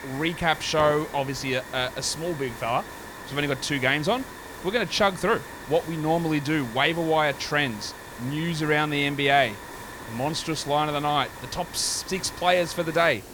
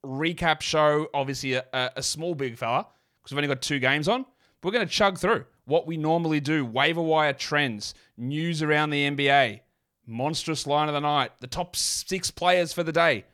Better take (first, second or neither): second